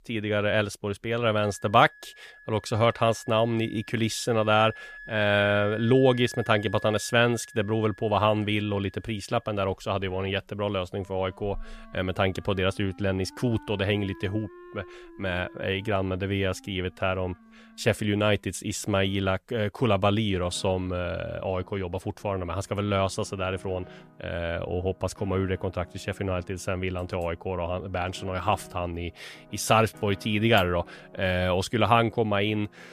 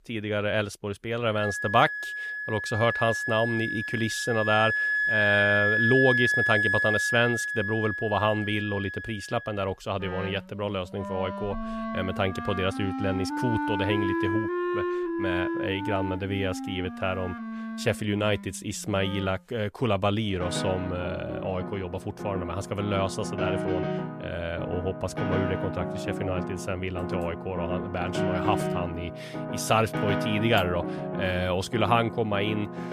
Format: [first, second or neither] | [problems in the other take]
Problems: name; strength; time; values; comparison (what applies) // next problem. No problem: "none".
first | background music; loud; throughout; 1 dB below the speech; faint in the first